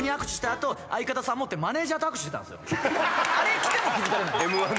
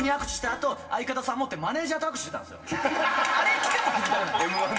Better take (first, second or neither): first